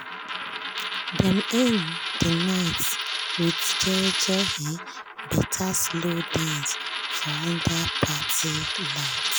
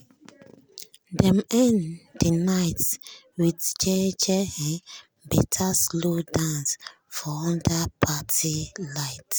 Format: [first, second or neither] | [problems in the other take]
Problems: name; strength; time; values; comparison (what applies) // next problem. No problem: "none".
second | background sound (Coin (dropping)); 2 dB below the speech